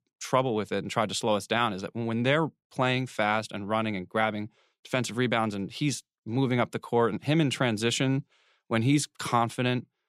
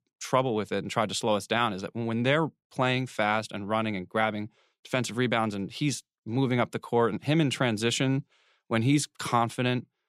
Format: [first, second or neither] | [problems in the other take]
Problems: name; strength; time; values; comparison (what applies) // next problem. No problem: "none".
neither | none